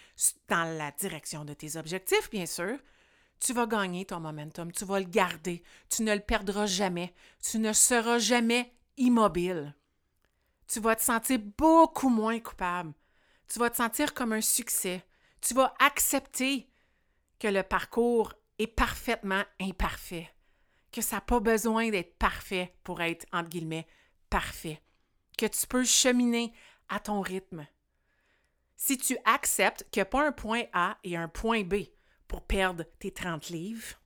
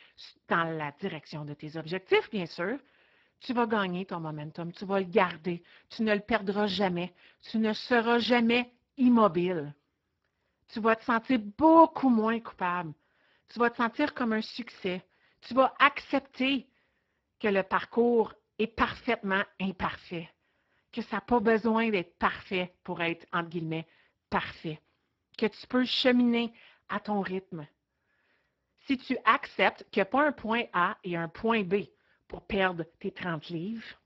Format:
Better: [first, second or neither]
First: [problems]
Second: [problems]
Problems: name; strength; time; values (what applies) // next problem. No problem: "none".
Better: first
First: none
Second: garbled, watery; badly